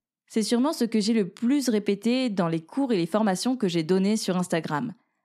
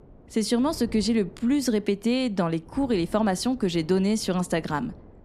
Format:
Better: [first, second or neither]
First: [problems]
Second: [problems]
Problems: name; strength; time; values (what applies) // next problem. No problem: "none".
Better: first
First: none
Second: wind noise on the microphone; occasional gusts; 25 dB below the speech